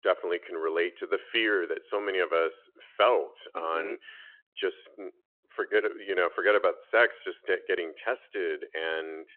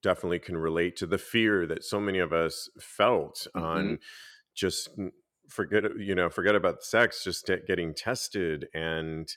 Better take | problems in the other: second | phone-call audio

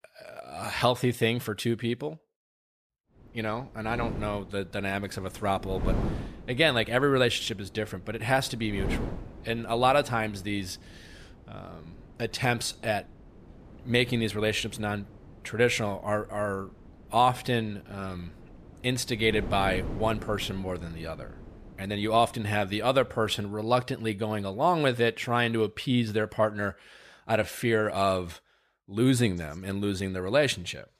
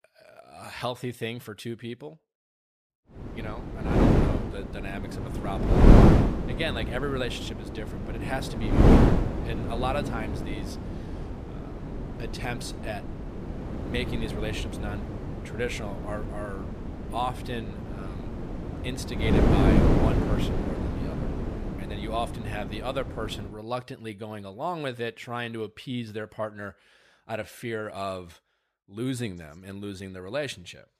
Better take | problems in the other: first | wind noise on the microphone; heavy; from 3 to 24 s; 3 dB above the speech; occasional gusts in the first

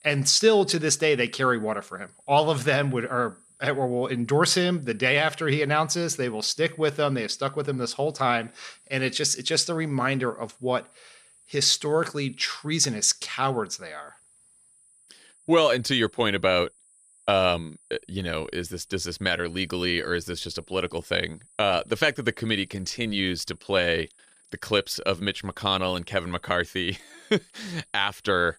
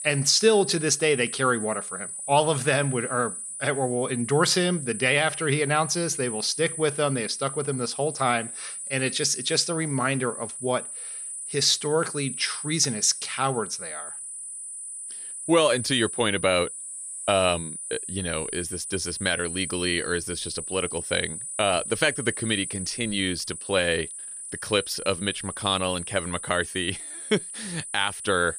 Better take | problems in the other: first | high-pitched whine; loud; throughout; 9.5 kHz, 7 dB below the speech; faint in the first

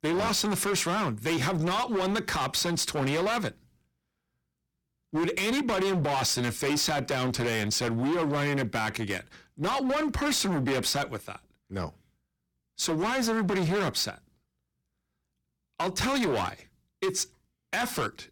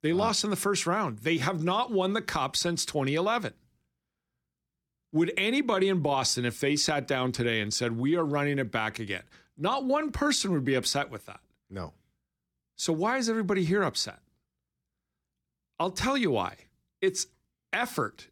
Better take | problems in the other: second | distortion; heavy; 22% of the sound clipped

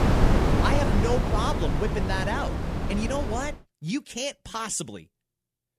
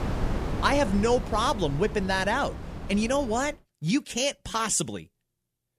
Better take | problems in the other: second | wind noise on the microphone; heavy; until 3.5 s; 1 dB below the speech; occasional gusts in the second

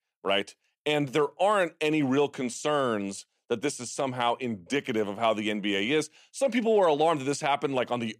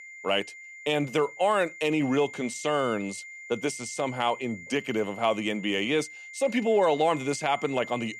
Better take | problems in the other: first | high-pitched whine; noticeable; throughout; 2 kHz, 15 dB below the speech

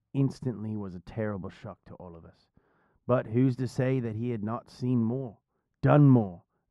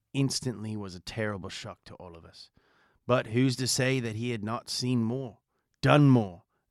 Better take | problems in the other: second | muffled; very; fading above 2 kHz

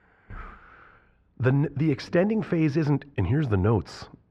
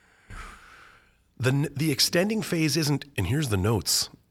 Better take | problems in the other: second | muffled; very; fading above 1.5 kHz

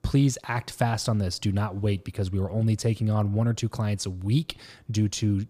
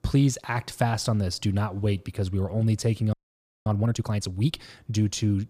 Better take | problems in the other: first | audio freezing; at 3 s for 0.5 s

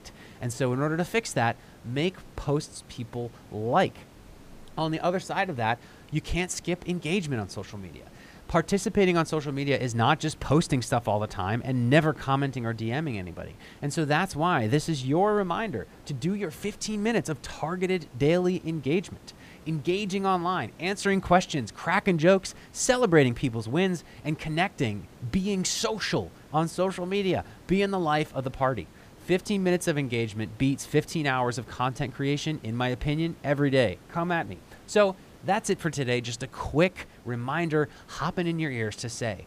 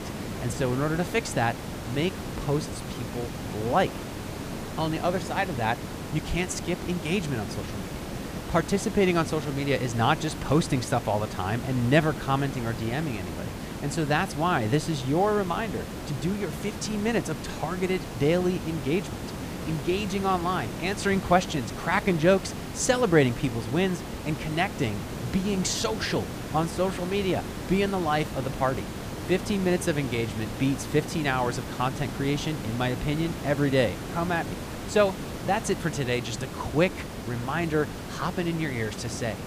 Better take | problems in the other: first | hiss; loud; throughout; 8 dB below the speech; faint in the first

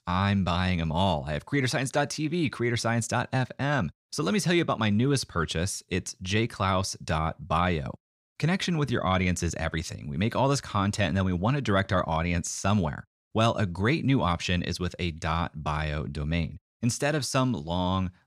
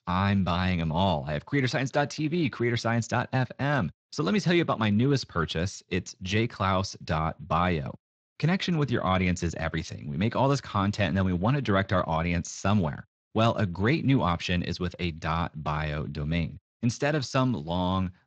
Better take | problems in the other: first | garbled, watery; slightly

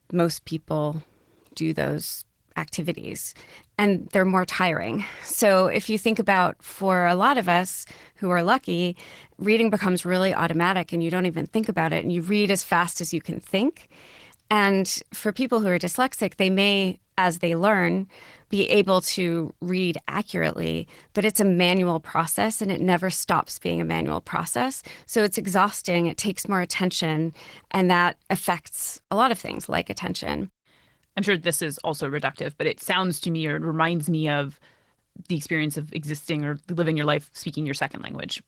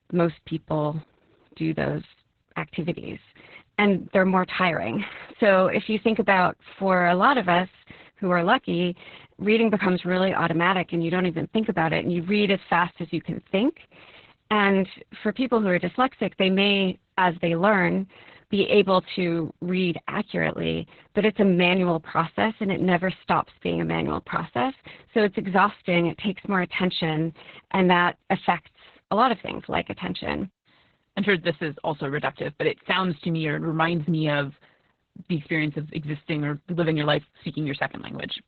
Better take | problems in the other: first | garbled, watery; badly; nothing above 4 kHz; slightly in the first

